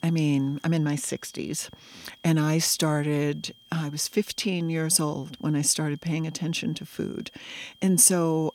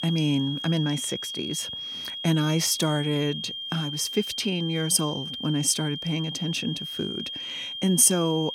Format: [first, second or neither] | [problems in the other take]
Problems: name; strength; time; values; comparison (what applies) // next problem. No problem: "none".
first | high-pitched whine; loud; throughout; 3.5 kHz, 6 dB below the speech; faint in the first